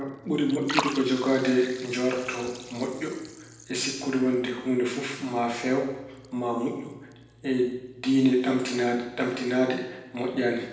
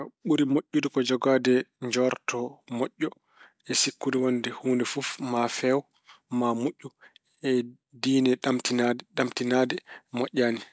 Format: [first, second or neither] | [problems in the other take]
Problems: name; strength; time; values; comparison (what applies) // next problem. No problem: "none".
second | background sound (Liquid); 14 dB below the speech // room echo; dies away in 0.9 s